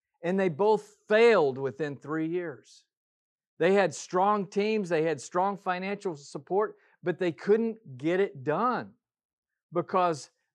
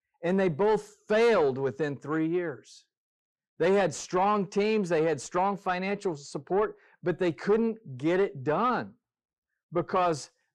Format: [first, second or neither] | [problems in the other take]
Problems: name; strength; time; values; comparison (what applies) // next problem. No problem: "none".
first | distortion; slight; 10 dB below the speech